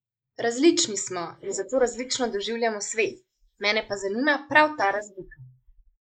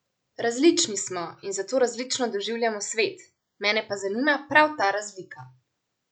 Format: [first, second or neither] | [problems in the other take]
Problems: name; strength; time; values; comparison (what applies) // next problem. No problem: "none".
second | noise reduction (neural mask model Resemble Enhance denoiser)